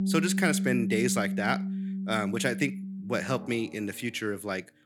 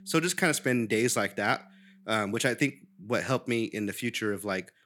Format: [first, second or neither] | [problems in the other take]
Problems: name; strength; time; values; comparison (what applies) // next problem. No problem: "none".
second | background music; loud; throughout; 2 dB below the speech; faint in the second